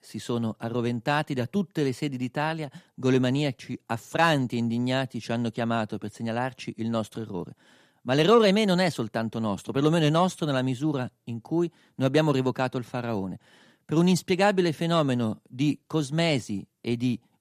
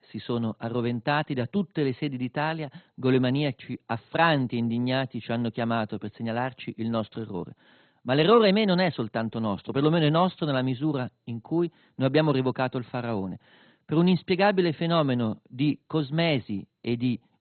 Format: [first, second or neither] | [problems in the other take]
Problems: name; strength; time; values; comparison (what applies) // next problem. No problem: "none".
first | garbled, watery; badly; nothing above 4 kHz